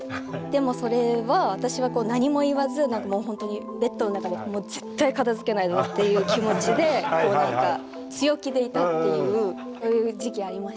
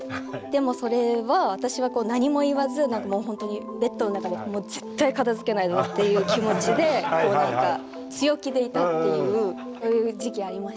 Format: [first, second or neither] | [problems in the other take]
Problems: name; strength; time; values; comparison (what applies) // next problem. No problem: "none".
second | background sound (Bowed string instrument); 12 dB below the speech